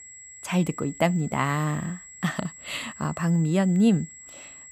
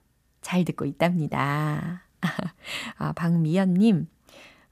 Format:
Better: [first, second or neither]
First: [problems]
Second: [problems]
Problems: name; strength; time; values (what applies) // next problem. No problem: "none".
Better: second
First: high-pitched whine; noticeable; throughout; 7.5 kHz, 15 dB below the speech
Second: none